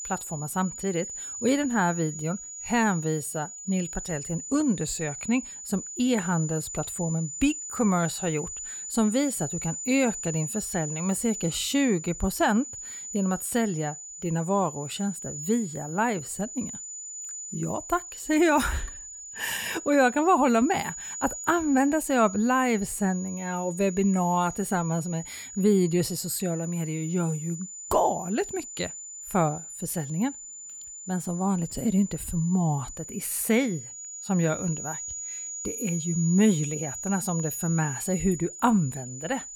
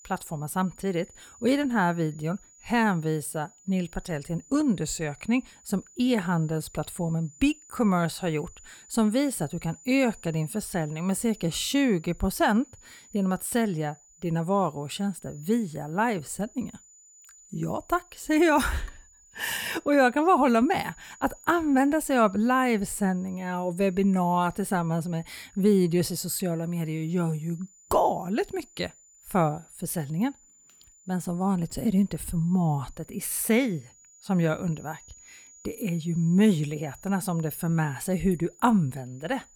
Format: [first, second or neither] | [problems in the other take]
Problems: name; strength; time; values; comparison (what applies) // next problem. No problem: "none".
second | high-pitched whine; loud; throughout; 7 kHz, 9 dB below the speech; faint in the second